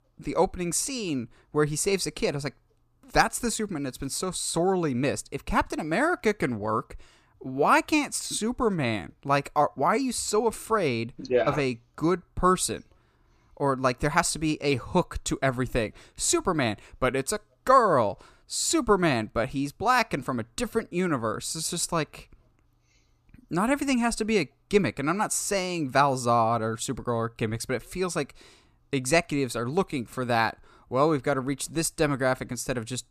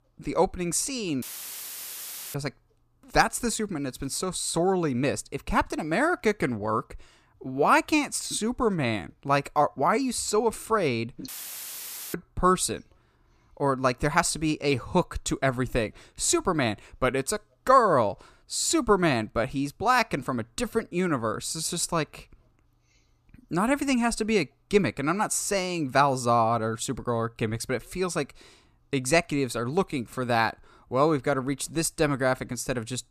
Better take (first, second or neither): first